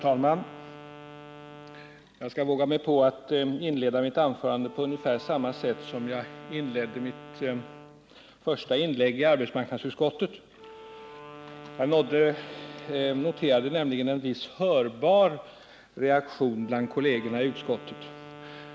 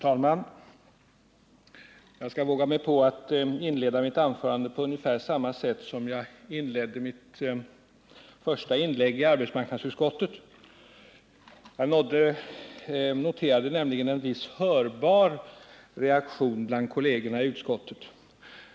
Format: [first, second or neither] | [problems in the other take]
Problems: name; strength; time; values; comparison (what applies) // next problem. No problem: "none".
second | background sound (Wind instrument, woodwind instrument); 19 dB below the speech